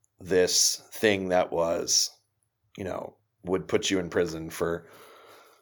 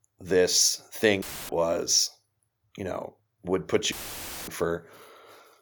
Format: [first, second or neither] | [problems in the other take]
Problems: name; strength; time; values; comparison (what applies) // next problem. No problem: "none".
first | audio cutting out; filled with static; at 1 s and at 4 s for 0.5 s